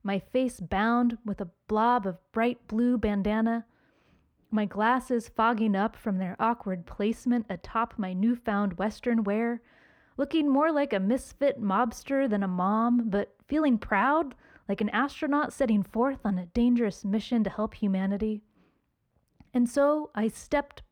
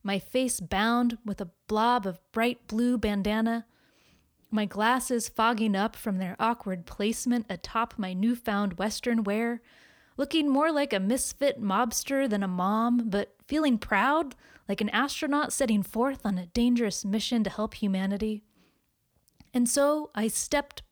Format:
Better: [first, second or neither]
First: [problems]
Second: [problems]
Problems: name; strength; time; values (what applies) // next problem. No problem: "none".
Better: second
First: muffled; slightly; fading above 3 kHz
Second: none